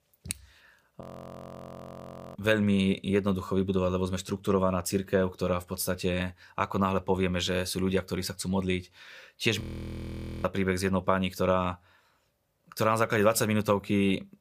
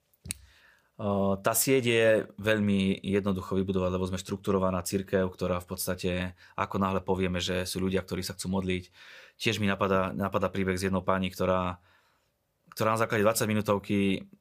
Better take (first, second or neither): second